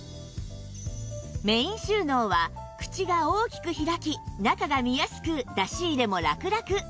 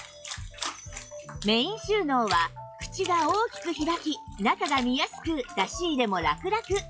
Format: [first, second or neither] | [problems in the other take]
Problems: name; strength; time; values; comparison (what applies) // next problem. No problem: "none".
first | noise reduction (classical method log-MMSE)